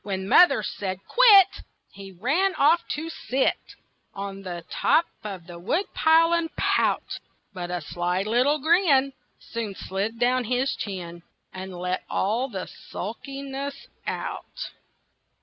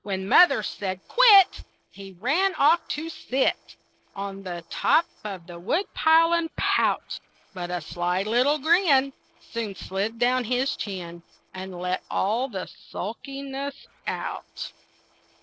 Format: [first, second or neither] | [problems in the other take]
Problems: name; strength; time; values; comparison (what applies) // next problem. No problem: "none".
first | noise reduction (neural separator model SepFormer DNS4)